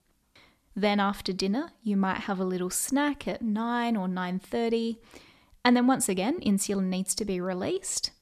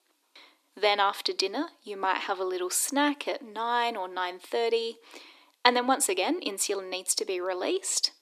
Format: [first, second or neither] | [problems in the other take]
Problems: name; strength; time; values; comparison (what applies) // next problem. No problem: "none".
first | thin; somewhat; fading below 300 Hz